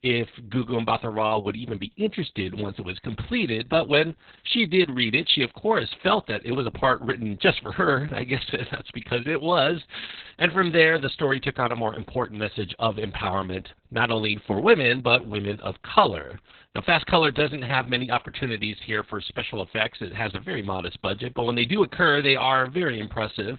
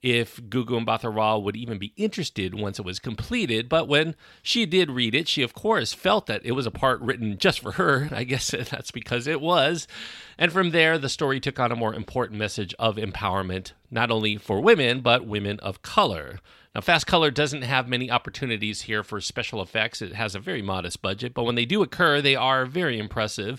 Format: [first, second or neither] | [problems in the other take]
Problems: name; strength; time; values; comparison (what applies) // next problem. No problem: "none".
second | garbled, watery; badly; nothing above 4 kHz